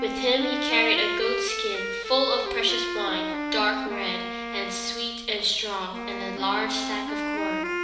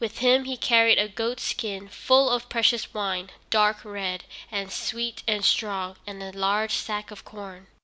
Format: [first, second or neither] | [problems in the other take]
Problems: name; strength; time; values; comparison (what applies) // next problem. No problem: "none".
second | background sound (Wind instrument, woodwind instrument); 3 dB below the speech // room echo; dies away in 1 s